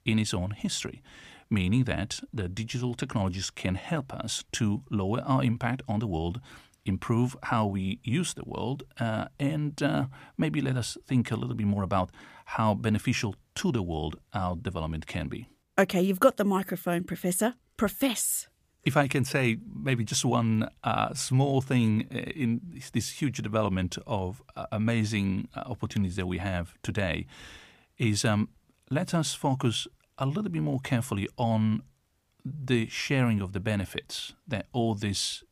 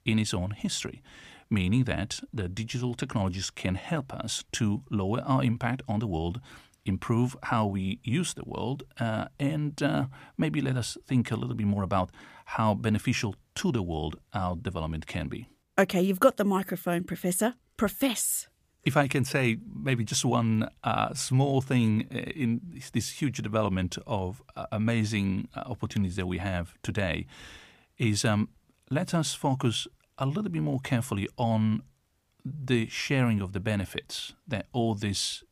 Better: neither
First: none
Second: none

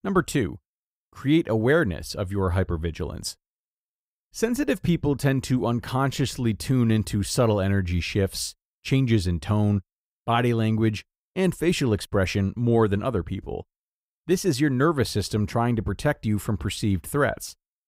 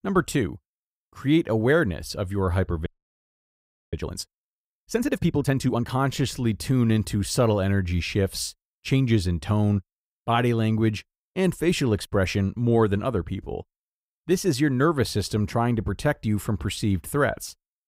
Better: first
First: none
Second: audio freezing; at 3 s for 1 s

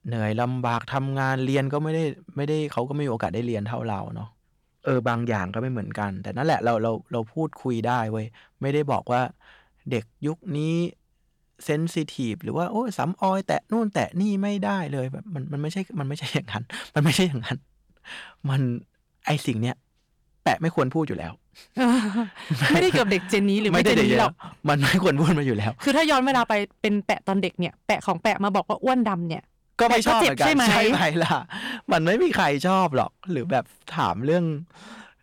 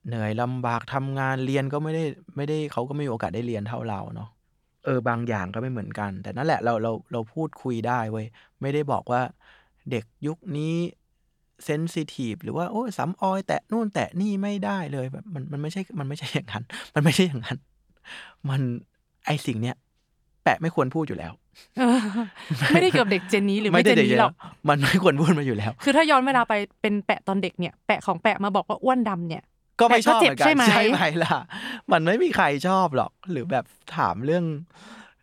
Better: second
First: distortion; slight; 4% of the sound clipped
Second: none

